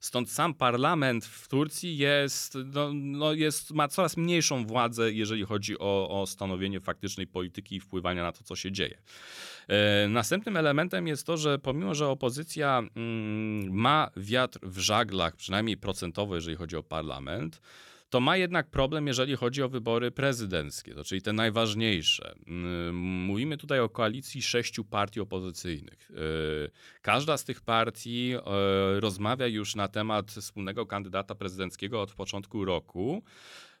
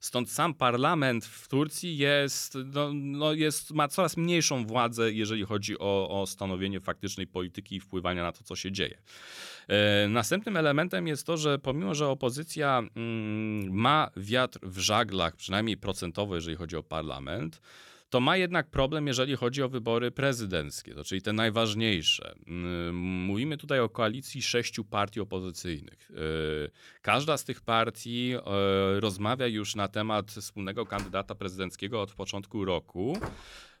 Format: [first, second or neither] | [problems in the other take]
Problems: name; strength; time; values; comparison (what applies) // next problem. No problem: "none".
first | door banging; faint; from 31 s on; peak 10 dB below the speech